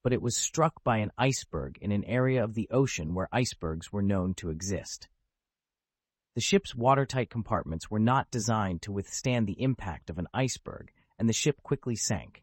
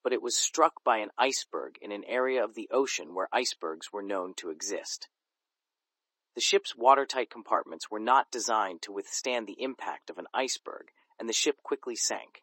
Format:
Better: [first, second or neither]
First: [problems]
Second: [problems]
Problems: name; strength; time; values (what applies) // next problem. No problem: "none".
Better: first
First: none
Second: thin; very; fading below 300 Hz